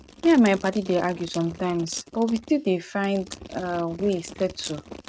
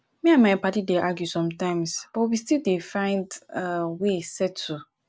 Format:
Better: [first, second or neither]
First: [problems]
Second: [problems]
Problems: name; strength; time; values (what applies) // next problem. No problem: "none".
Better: second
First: noise reduction (neural mask model RNNoise)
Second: none